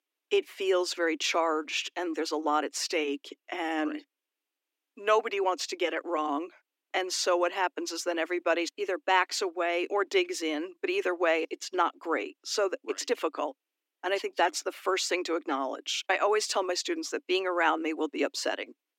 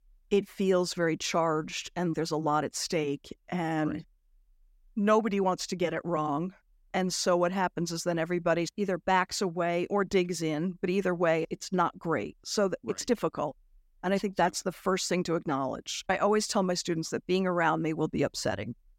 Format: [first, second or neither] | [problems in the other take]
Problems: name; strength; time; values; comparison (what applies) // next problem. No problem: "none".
second | thin; somewhat; fading below 300 Hz